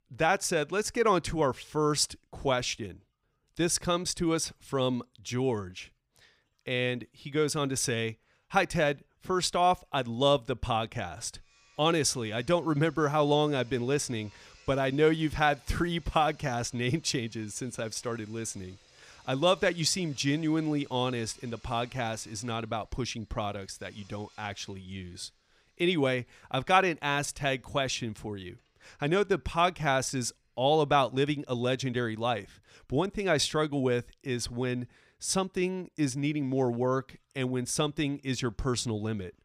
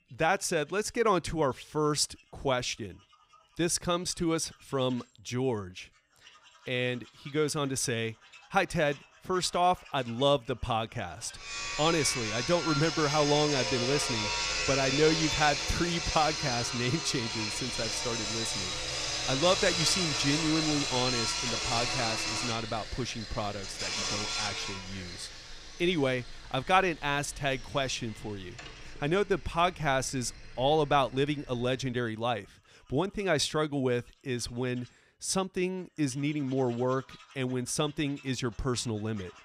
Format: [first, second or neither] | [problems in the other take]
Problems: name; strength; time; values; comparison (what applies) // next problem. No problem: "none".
first | machinery noise; loud; throughout; 1 dB below the speech; faint in the first